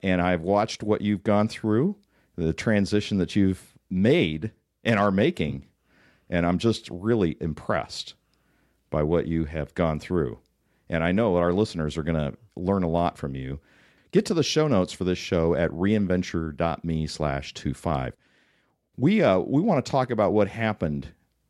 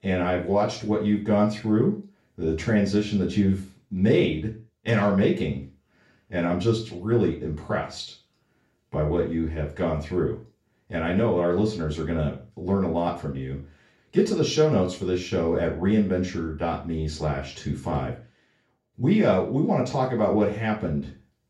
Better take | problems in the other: first | room echo; slight; dies away in 0.3 s // off-mic speech; far

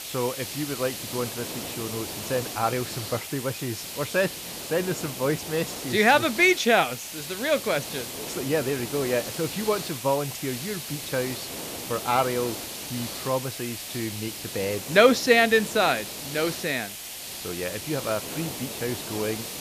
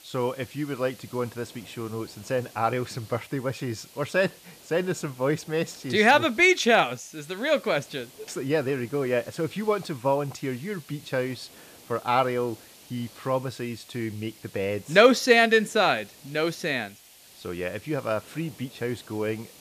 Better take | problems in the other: second | hiss; loud; throughout; 7 dB below the speech; faint in the second

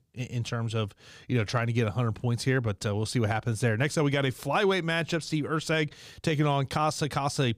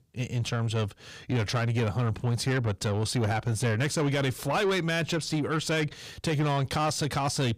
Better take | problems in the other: first | distortion; slight; 10 dB below the speech

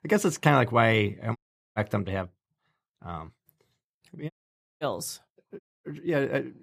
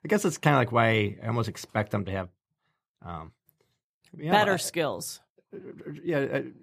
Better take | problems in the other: second | audio cutting out; at 1.5 s, at 4.5 s for 0.5 s and at 5.5 s

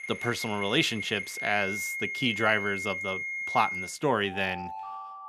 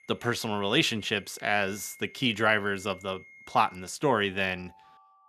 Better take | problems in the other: second | alarms or sirens; loud; throughout; 5 dB below the speech; faint in the second

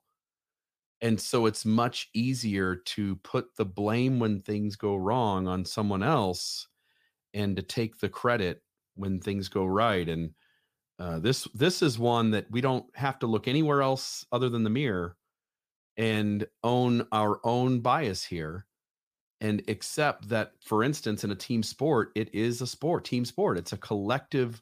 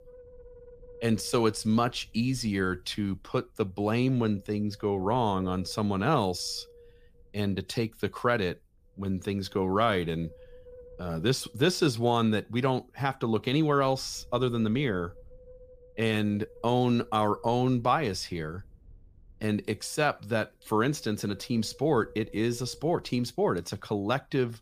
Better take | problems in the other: first | wind noise on the microphone; occasional gusts; 25 dB below the speech

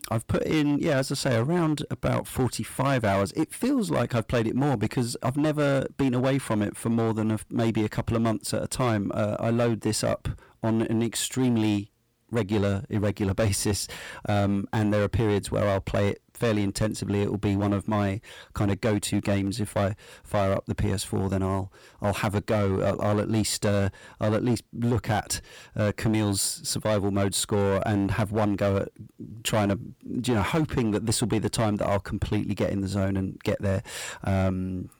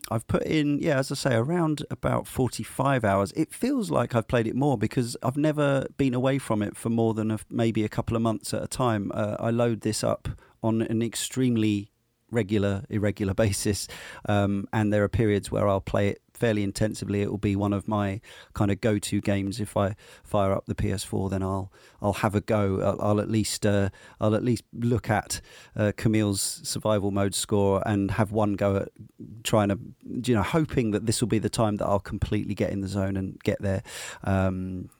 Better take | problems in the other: second | distortion; slight; 10% of the sound clipped

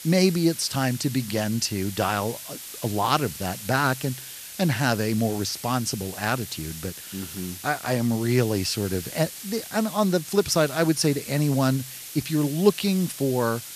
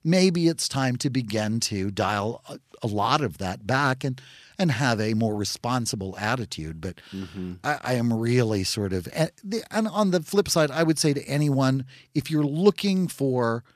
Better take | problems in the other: second | hiss; noticeable; throughout; 10 dB below the speech

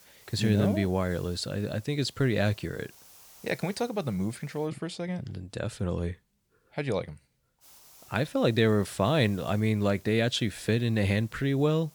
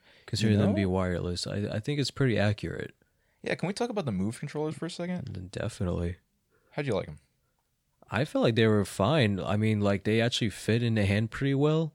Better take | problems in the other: second | hiss; faint; until 4.5 s and from 7.5 s on; 25 dB below the speech

